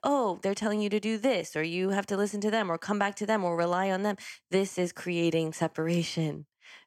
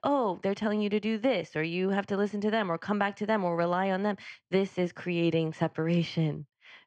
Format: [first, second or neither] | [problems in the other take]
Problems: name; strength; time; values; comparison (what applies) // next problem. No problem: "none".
first | muffled; very slightly; fading above 4 kHz